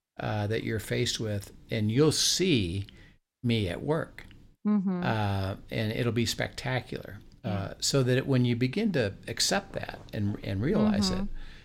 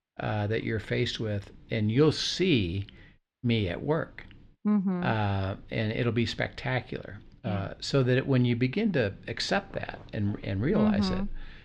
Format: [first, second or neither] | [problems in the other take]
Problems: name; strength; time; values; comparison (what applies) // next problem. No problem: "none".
first | muffled; very slightly; fading above 3 kHz